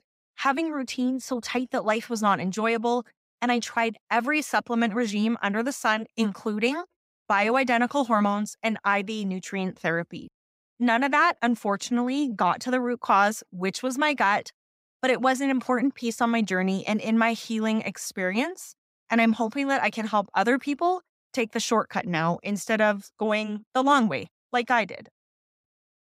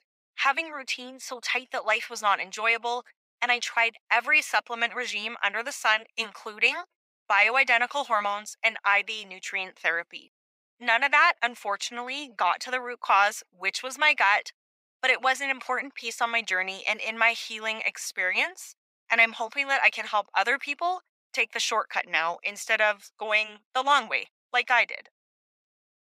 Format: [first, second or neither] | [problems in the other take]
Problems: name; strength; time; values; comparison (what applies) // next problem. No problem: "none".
first | thin; very; fading below 750 Hz